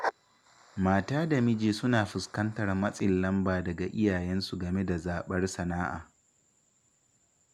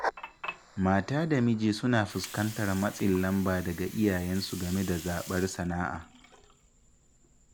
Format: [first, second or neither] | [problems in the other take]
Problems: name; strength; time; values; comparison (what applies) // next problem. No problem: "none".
first | background sound (Water); 17 dB below the speech